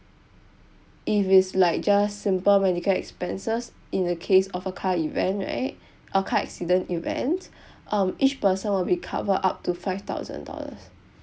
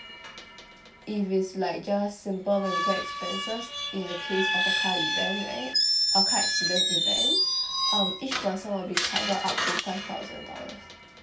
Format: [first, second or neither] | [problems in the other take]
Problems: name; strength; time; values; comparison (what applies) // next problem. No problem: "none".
first | background sound (Screech); 3 dB above the speech // room echo; dies away in 0.3 s